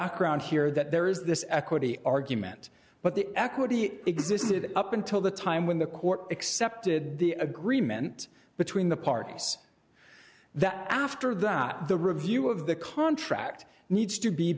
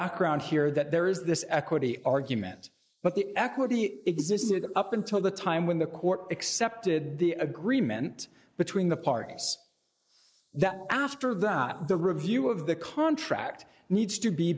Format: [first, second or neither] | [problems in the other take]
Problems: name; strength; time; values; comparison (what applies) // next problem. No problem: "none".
first | noise reduction (neural mask model Resemble Enhance denoiser)